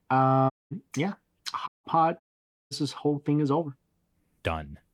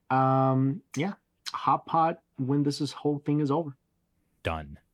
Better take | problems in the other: second | audio cutting out; at 0.5 s, at 1.5 s and at 2 s for 0.5 s

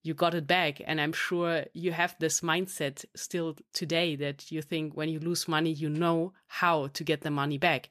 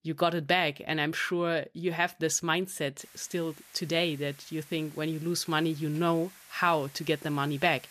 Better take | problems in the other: first | hiss; faint; from 3 s on; 20 dB below the speech

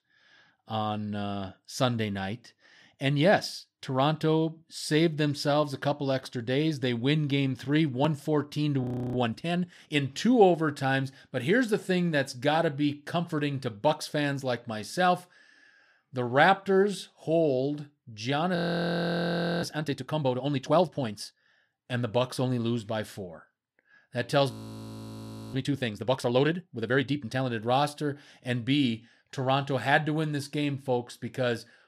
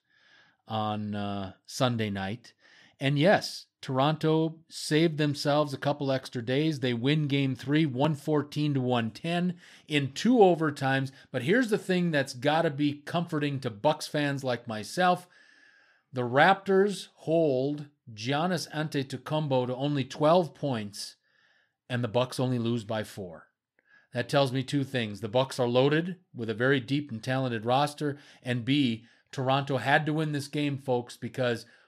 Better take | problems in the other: second | audio freezing; at 9 s, at 19 s for 1 s and at 25 s for 1 s

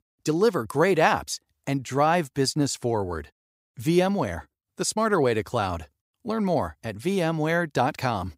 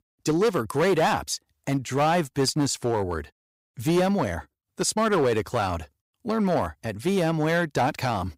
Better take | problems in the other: first | distortion; slight; 7% of the sound clipped

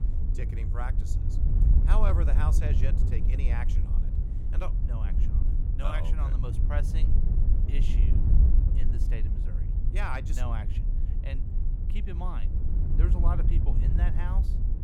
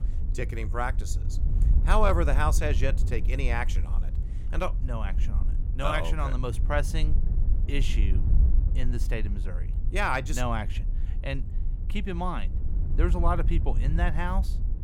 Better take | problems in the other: second | wind noise on the microphone; heavy; 5 dB below the speech; occasional gusts in the second

